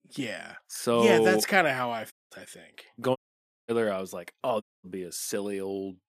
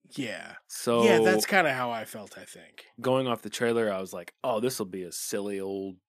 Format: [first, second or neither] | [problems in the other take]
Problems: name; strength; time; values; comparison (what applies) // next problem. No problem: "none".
second | audio cutting out; at 2 s, at 3 s for 0.5 s and at 4.5 s